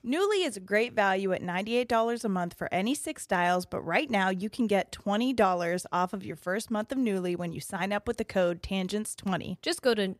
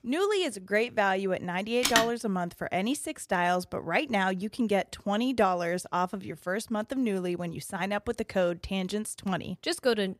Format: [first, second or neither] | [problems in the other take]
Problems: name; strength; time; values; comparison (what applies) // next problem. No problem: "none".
first | phone ringing; loud; at 2 s; peak 3 dB above the speech